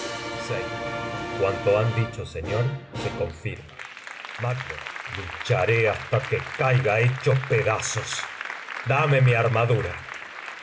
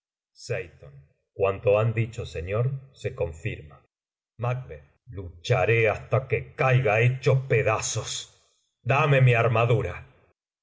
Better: second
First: background sound (Applause); 9 dB below the speech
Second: none

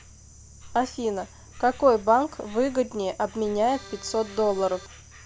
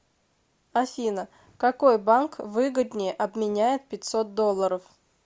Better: second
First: background sound (Insect + Accordion); 18 dB below the speech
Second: none

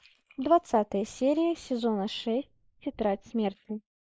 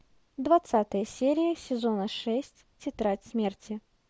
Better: second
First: noise reduction (neural mask model Resemble Enhance denoiser)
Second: none

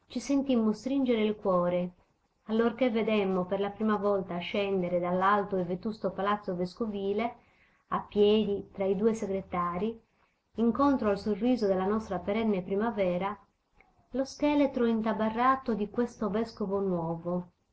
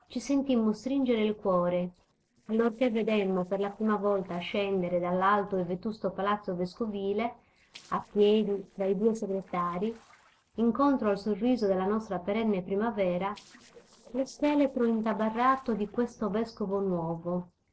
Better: first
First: none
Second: noise reduction (neural separator model SepFormer DNS4)

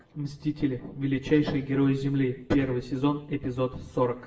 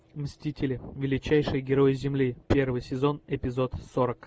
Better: second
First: room echo; dies away in 0.6 s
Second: none

